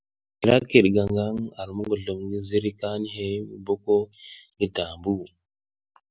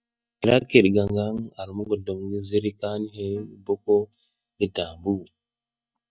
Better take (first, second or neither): first